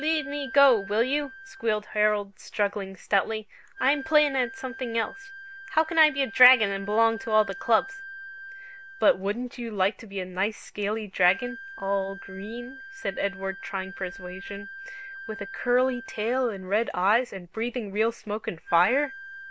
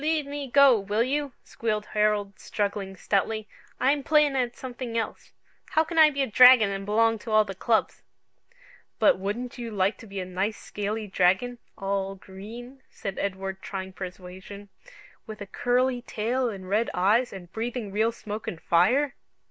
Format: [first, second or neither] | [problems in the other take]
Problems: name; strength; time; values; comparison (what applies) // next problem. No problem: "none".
second | background sound (Wind instrument, woodwind instrument); 16 dB below the speech